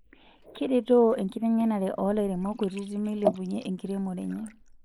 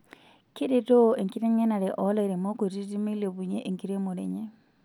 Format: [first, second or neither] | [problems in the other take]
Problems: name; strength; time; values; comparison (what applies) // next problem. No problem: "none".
second | noise reduction (neural mask model Resemble Enhance denoiser)